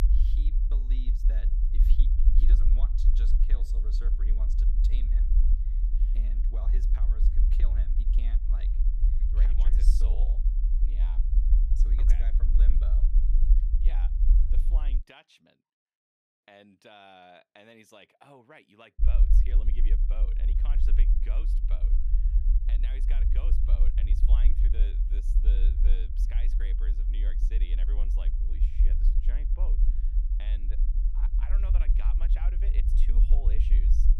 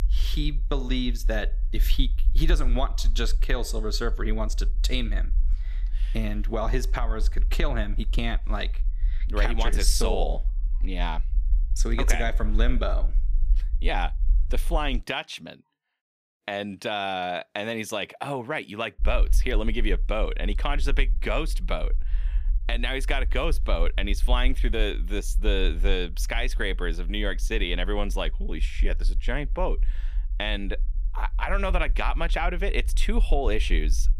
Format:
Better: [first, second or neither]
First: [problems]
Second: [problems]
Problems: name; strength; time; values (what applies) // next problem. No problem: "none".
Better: second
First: low rumble; loud; until 15 s and from 19 s on; 1 dB below the speech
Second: low rumble; faint; until 15 s and from 19 s on; 25 dB below the speech